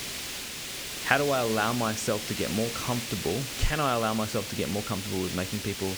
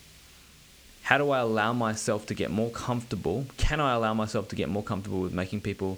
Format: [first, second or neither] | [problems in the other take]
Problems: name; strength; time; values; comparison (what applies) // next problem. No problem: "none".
second | hiss; loud; throughout; 4 dB below the speech; faint in the second